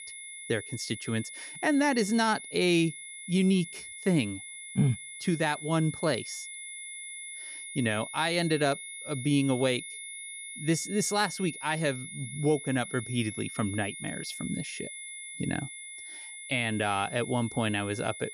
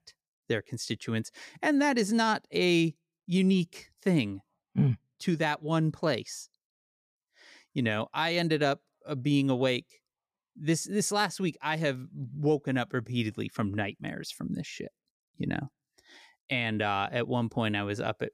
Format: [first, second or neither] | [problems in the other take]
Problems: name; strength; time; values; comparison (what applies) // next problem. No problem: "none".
second | high-pitched whine; loud; throughout; 2 kHz, 10 dB below the speech